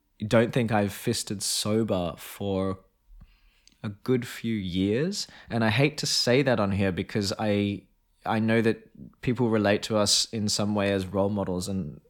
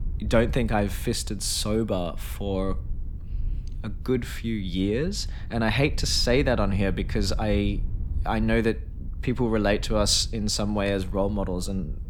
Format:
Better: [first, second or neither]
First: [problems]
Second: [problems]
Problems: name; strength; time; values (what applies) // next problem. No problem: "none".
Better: first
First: none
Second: wind noise on the microphone; occasional gusts; 25 dB below the speech